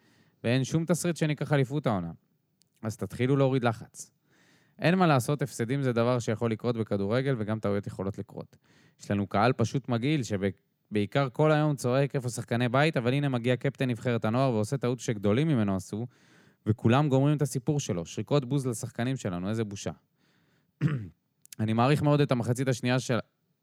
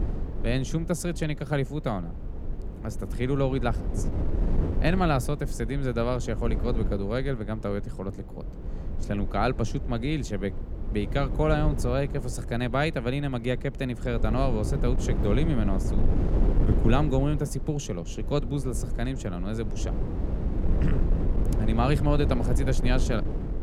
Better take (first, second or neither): first